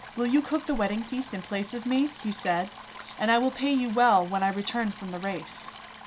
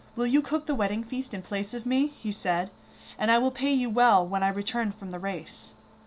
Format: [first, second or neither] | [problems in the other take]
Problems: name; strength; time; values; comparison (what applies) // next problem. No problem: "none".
second | background sound (Stream); 17 dB below the speech